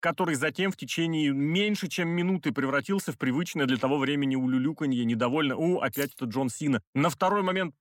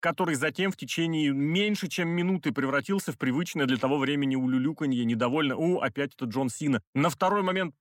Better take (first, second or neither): second